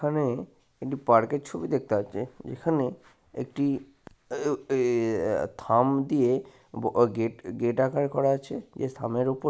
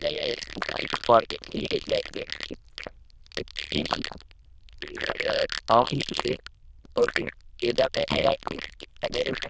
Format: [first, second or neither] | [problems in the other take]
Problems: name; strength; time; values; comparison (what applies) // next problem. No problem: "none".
first | noise reduction (neural diffusion model UNIVERSE++)